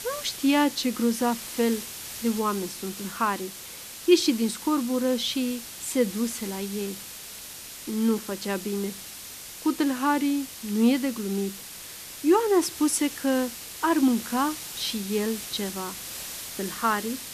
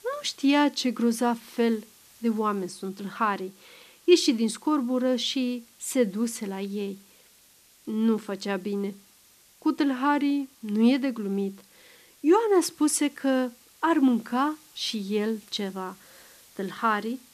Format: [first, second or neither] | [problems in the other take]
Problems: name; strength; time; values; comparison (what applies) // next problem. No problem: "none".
second | hiss; loud; throughout; 10 dB below the speech; faint in the second